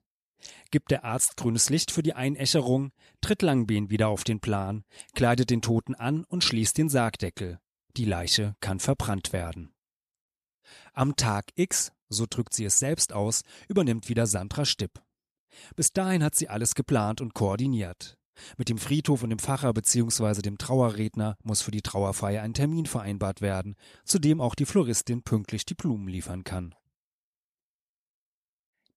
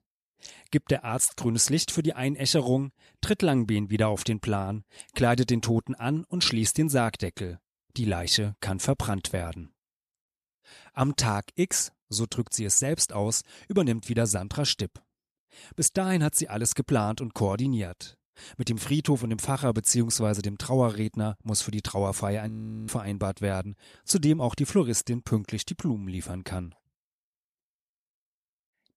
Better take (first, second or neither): first